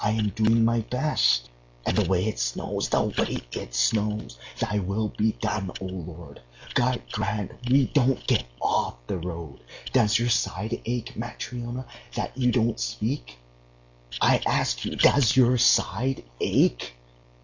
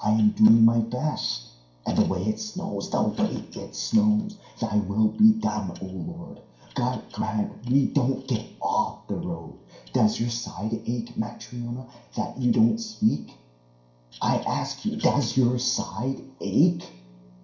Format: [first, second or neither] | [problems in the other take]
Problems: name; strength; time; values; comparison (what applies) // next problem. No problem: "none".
first | room echo; dies away in 0.5 s